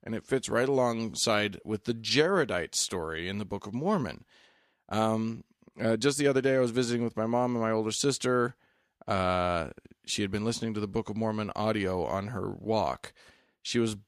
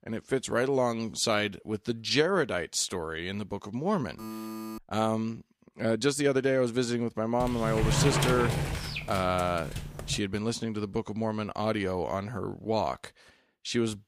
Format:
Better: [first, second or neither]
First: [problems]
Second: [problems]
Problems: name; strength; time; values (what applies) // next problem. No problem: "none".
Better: first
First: none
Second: alarm; noticeable; at 4 s; peak 9 dB below the speech // door banging; loud; from 7.5 to 10 s; peak 3 dB above the speech